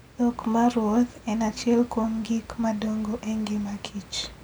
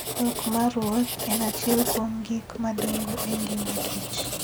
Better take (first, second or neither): first